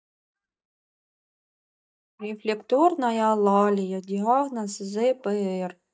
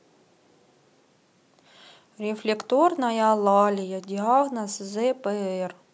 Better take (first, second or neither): second